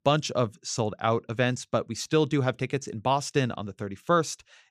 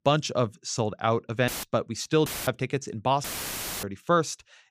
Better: first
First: none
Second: audio cutting out; filled with static; at 1.5 s, at 2.5 s and at 3 s for 0.5 s

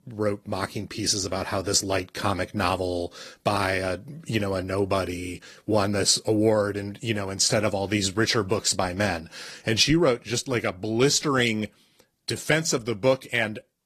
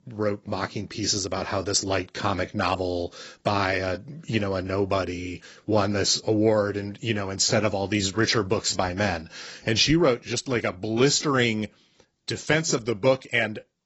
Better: first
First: garbled, watery; slightly; nothing above 15 kHz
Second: garbled, watery; badly; nothing above 8 kHz

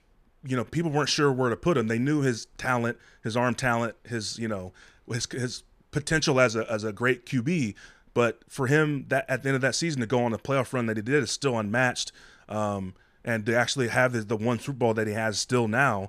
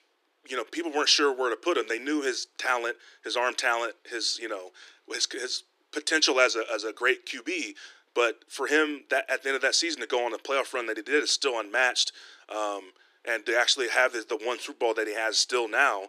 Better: first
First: none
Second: thin; very; fading below 300 Hz

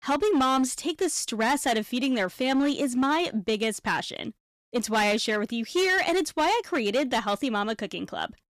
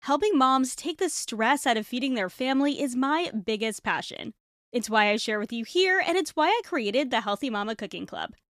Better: second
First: distortion; slight; 10% of the sound clipped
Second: none

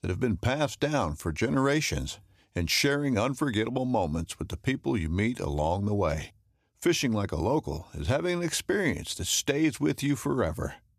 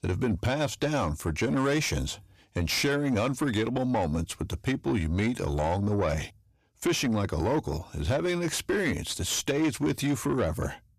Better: first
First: none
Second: distortion; slight; 10 dB below the speech

